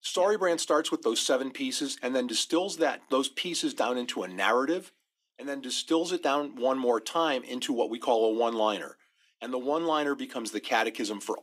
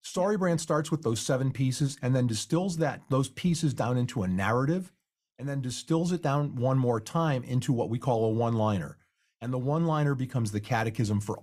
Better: second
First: thin; somewhat; fading below 250 Hz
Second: none

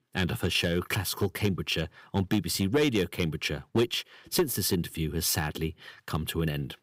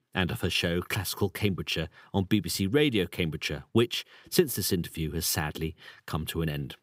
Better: second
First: distortion; slight; 2% of the sound clipped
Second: none

